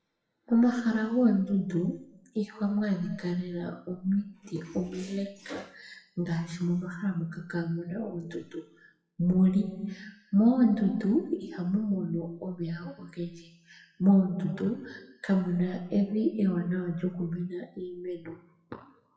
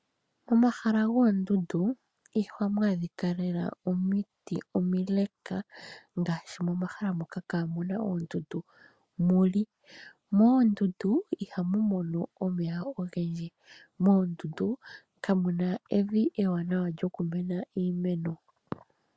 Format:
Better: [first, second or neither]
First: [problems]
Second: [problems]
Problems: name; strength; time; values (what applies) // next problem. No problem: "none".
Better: second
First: noise reduction (classical method WPE with log-MMSE)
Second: none